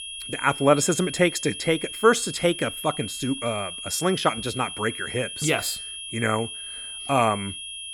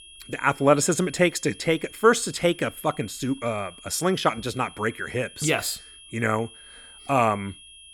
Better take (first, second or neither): second